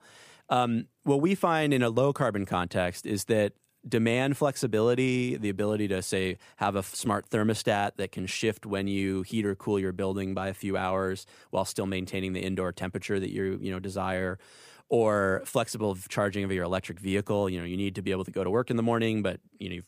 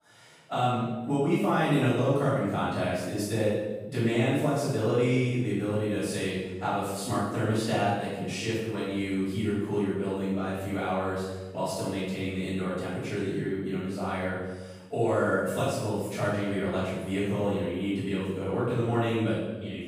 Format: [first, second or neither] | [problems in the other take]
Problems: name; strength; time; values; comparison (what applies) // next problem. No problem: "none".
first | off-mic speech; far // room echo; strong; dies away in 1 s